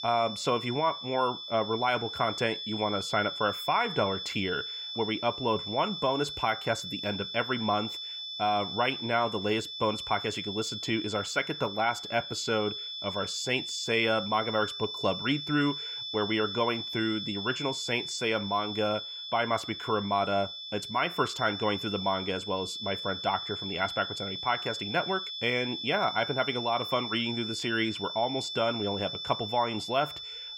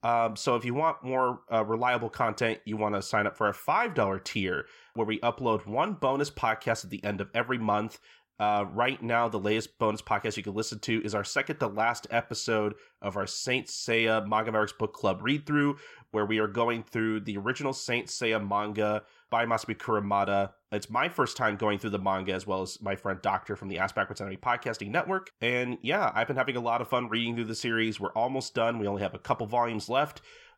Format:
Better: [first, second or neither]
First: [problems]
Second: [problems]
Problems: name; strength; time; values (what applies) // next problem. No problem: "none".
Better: second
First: high-pitched whine; loud; throughout; 3.5 kHz, 5 dB below the speech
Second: none